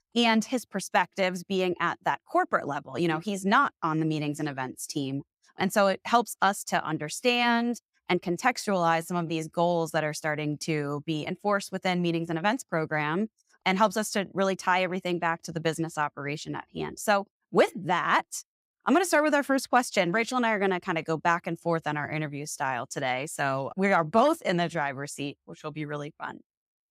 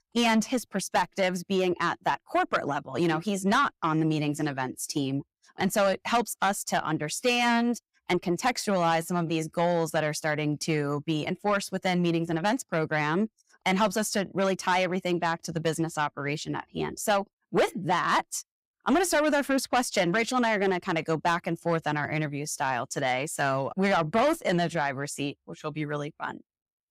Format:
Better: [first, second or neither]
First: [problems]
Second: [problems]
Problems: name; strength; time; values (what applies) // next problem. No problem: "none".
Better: first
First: none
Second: distortion; slight; 10 dB below the speech